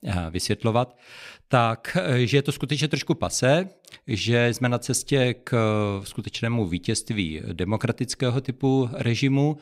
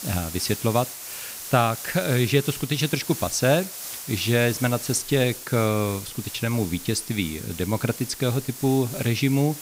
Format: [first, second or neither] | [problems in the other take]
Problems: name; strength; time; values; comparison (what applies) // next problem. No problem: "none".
first | hiss; loud; throughout; 10 dB below the speech